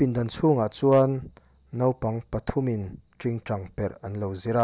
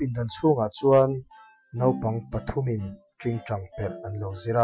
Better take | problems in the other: first | noise reduction (classical method Wiener filter)

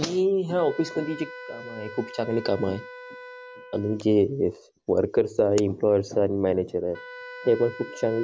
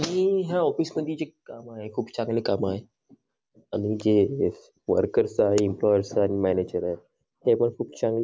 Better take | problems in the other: second | background sound (Wind instrument, woodwind instrument); 18 dB below the speech

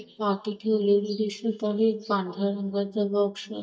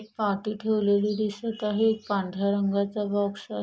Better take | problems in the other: second | noise reduction (neural mask model DeepFilterNet 3)

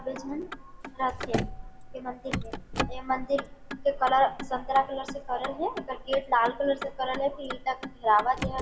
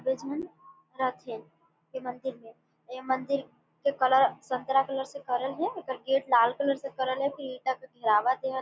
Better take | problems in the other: second | background sound (Motor vehicle (road)); 8 dB below the speech // room echo; dies away in 0.6 s

